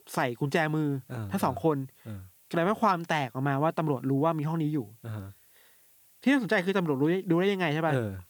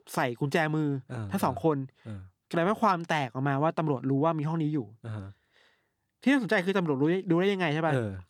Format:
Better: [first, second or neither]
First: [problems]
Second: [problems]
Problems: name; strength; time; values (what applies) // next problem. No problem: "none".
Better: second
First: hiss; faint; throughout; 30 dB below the speech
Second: none